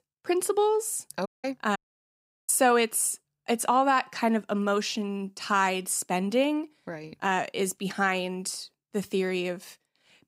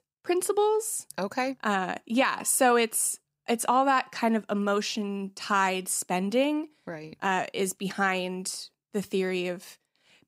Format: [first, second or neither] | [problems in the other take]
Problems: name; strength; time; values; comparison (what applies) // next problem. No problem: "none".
second | audio cutting out; at 1.5 s and at 2 s for 0.5 s